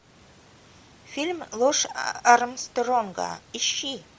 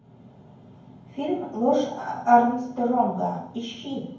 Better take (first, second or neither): first